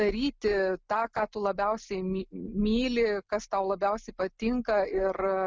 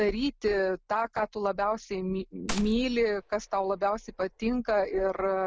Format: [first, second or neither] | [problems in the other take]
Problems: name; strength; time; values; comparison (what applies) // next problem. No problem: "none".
first | background sound (Gunshot, gunfire); 14 dB below the speech